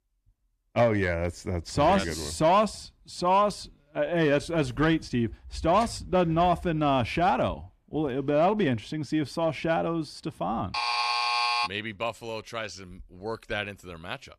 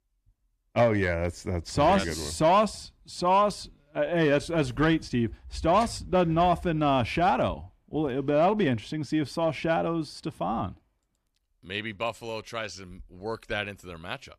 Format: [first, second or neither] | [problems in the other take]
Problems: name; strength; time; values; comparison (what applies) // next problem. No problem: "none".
second | alarm; loud; at 11 s; peak 2 dB above the speech